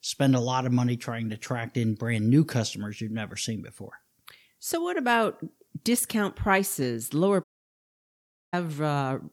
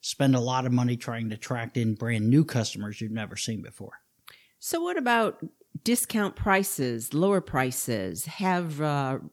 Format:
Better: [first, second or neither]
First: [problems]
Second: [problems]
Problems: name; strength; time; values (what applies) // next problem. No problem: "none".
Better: second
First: audio cutting out; at 7.5 s for 1 s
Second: none